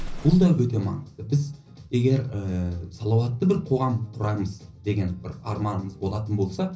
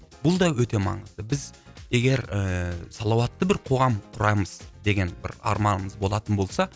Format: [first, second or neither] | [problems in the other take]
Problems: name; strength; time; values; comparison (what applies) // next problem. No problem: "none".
second | background sound (Explosion); 17 dB below the speech // room echo; dies away in 0.5 s